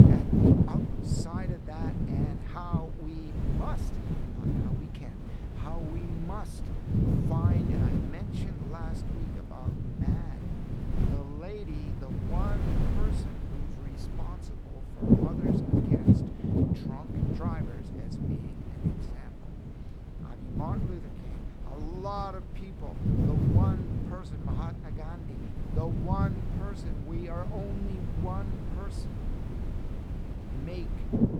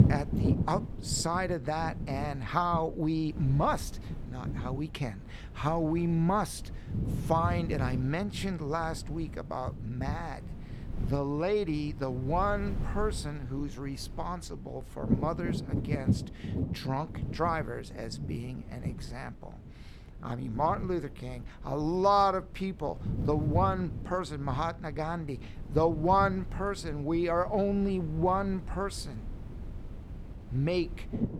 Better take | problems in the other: second | wind noise on the microphone; heavy; 4 dB above the speech; occasional gusts in the second

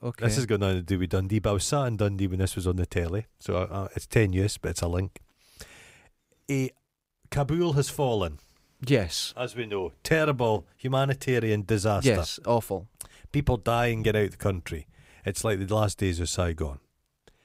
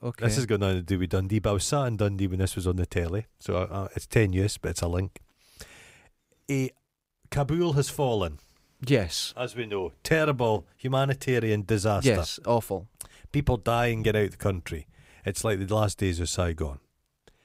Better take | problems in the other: neither | none

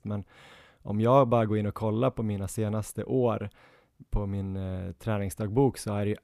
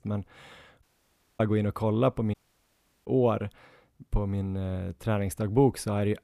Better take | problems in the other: first | audio cutting out; at 1 s for 0.5 s and at 2.5 s for 0.5 s

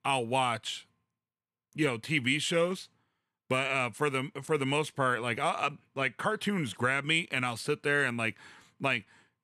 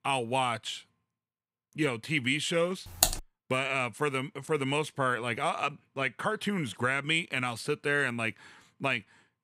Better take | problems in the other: first | keyboard typing; loud; at 3 s; peak 4 dB above the speech

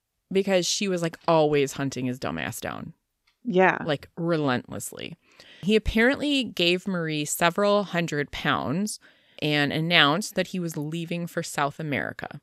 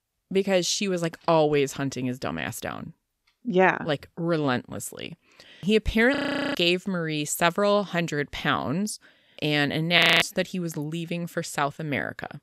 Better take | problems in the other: first | audio freezing; at 6 s and at 10 s

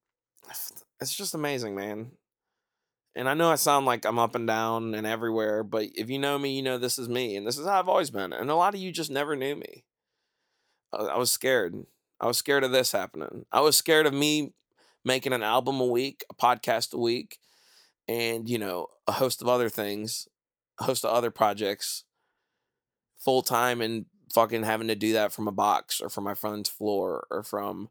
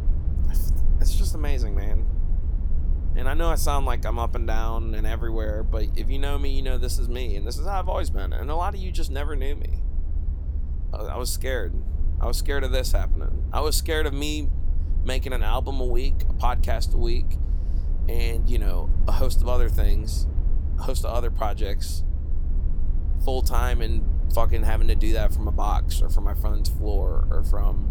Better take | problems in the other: first | low rumble; noticeable; throughout; 15 dB below the speech

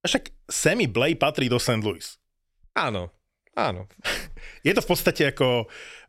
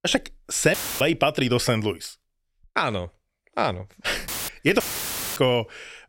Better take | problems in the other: first | audio cutting out; filled with static; at 0.5 s, at 4.5 s and at 5 s for 0.5 s

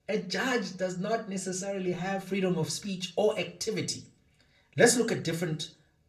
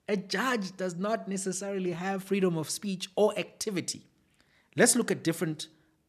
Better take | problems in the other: second | room echo; very slight; dies away in 0.3 s // off-mic speech; far

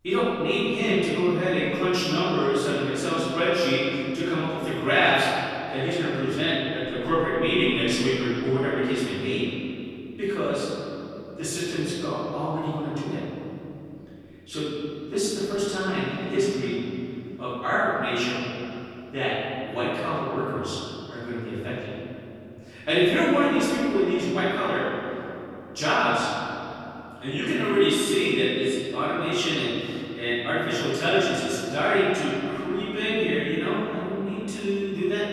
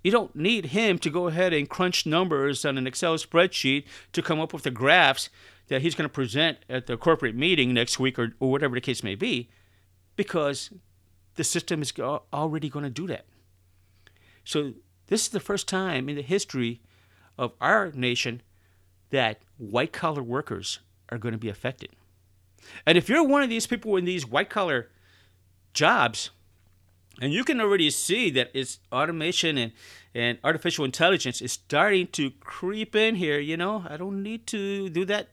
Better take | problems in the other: second | off-mic speech; far // room echo; strong; dies away in 2.9 s

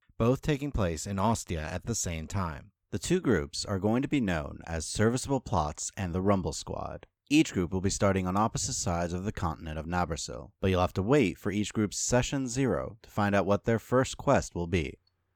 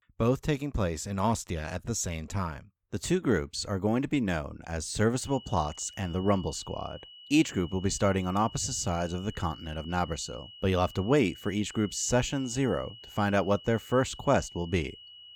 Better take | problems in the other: first | high-pitched whine; noticeable; from 5 s on; 3 kHz, 15 dB below the speech

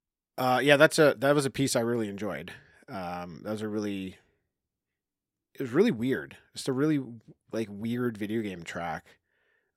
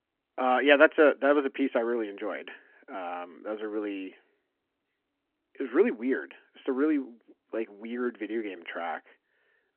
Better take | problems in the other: first | phone-call audio

